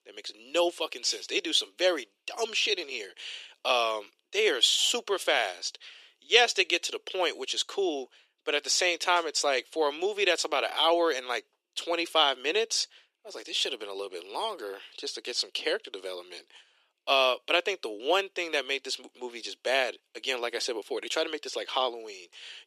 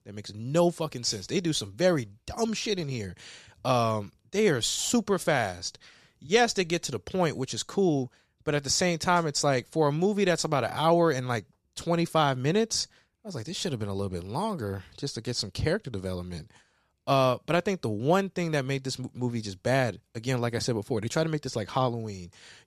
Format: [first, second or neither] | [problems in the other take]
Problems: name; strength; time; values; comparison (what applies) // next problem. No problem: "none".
second | thin; very; fading below 350 Hz